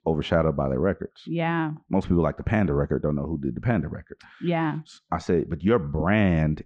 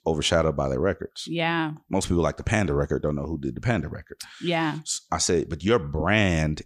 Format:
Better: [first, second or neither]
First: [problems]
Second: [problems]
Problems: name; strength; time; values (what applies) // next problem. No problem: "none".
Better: second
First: muffled; very; fading above 2 kHz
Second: none